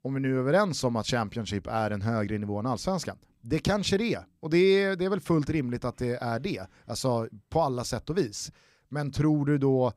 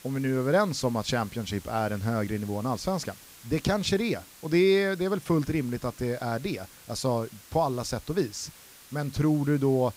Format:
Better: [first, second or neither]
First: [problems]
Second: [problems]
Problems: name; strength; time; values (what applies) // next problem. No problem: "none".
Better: first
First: none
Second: hiss; faint; throughout; 20 dB below the speech